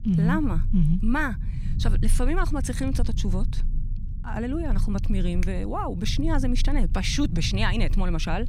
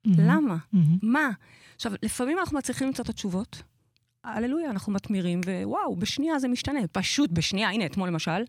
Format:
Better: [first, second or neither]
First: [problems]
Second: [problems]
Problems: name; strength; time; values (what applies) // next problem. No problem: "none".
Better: second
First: low rumble; noticeable; throughout; 15 dB below the speech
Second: none